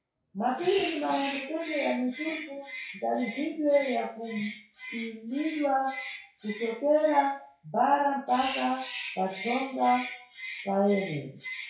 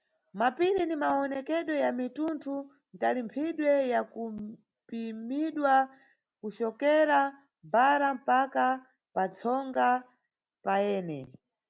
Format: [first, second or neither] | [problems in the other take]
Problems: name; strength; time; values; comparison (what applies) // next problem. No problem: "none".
second | noise reduction (classical method WPE with log-MMSE)